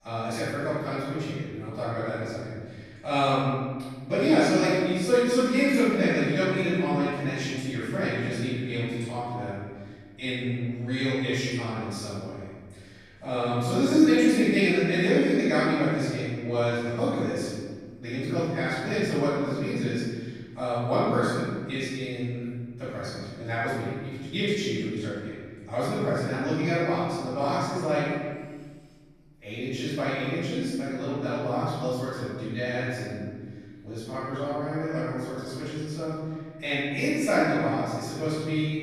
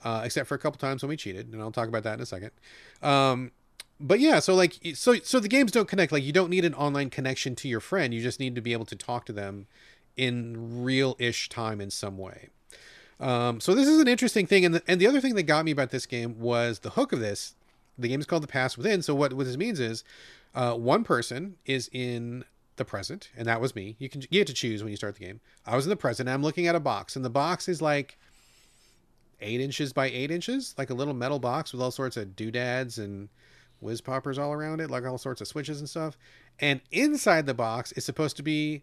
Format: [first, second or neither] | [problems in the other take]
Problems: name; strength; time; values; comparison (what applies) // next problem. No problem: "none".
second | off-mic speech; far // room echo; strong; dies away in 1.7 s